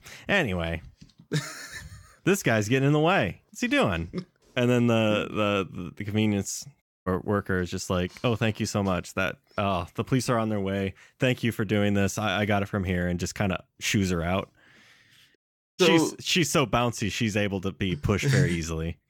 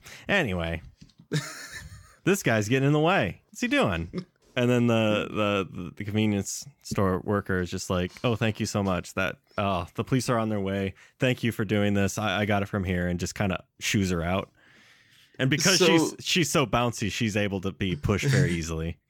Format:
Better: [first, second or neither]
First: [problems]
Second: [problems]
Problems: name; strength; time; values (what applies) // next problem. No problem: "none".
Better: second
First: audio cutting out; at 7 s and at 15 s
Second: none